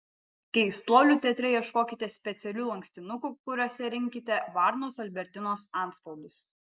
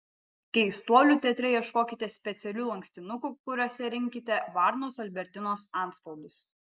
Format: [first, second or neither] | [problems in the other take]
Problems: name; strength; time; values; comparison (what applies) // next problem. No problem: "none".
second | background sound (Cowbell); 19 dB below the speech